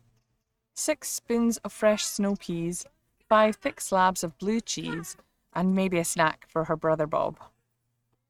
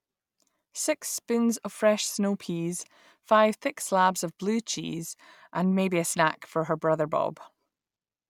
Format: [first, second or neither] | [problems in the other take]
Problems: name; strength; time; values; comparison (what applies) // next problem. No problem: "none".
second | noise reduction (neural mask model RNNoise)